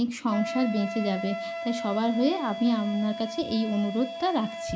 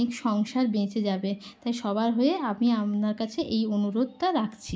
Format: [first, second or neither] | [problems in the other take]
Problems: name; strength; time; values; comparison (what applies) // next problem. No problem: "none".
second | background sound (Wind instrument, woodwind instrument); 8 dB below the speech